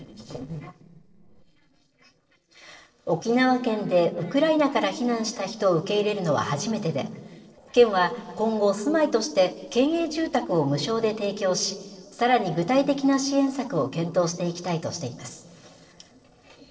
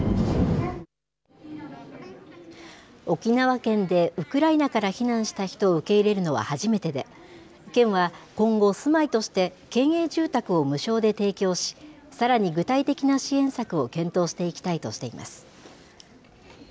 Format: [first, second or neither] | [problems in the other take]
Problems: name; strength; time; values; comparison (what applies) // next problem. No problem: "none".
second | noise reduction (neural separator model SepFormer DNS4)